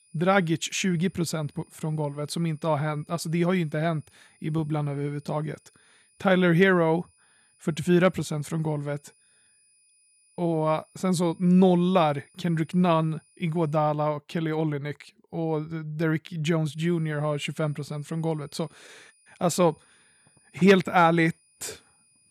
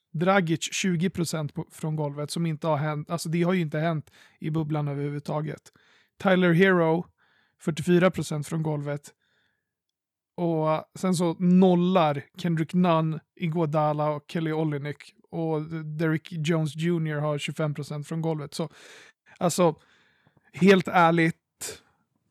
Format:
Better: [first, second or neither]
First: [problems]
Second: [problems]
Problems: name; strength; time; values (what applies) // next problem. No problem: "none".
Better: second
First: high-pitched whine; faint; until 14 s and from 17 s on; 9.5 kHz, 35 dB below the speech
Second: none